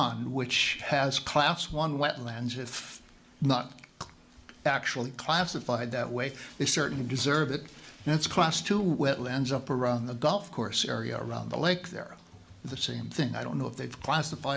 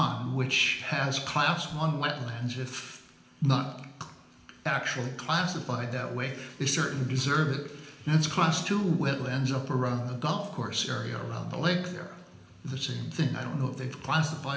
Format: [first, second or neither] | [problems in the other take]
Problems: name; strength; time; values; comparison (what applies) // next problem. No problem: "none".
first | room echo; dies away in 0.8 s